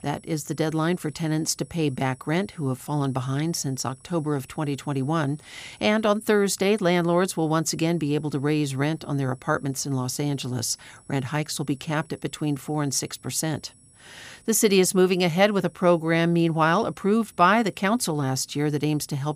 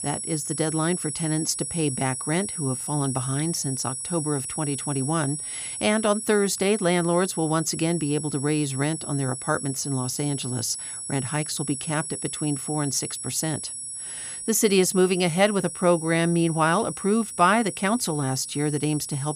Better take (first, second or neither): first